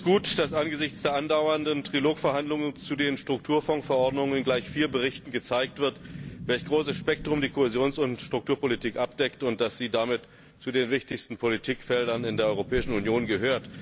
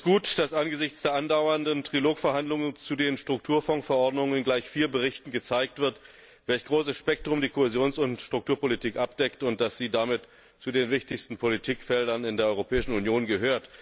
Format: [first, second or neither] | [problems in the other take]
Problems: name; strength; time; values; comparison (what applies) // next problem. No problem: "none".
second | background sound (Rain / Thunderstorm); 16 dB below the speech